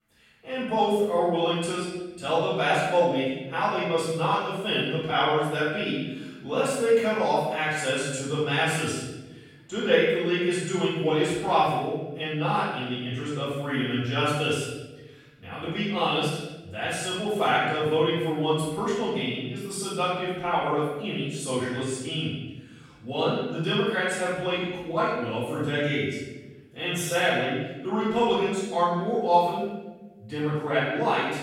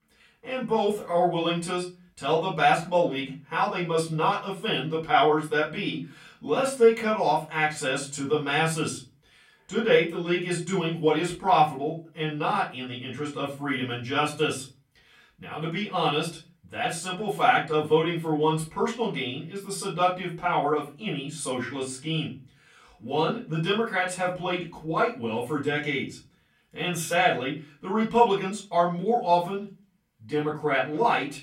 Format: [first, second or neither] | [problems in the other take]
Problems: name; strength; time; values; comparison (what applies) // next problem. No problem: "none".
second | room echo; strong; dies away in 1 s; slight in the second // off-mic speech; far; far in the second